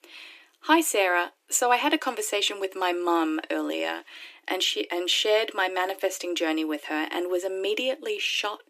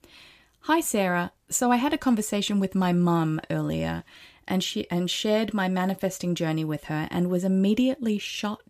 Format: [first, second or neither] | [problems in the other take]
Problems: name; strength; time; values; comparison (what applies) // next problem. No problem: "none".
second | thin; very; fading below 300 Hz